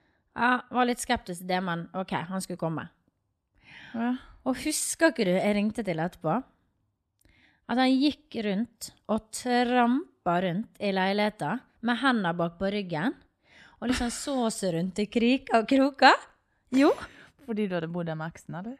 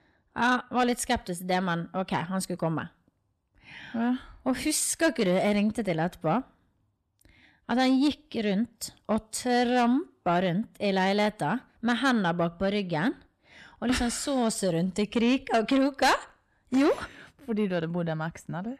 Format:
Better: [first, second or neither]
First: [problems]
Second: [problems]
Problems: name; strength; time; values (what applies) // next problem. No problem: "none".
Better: first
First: none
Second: distortion; slight; 10 dB below the speech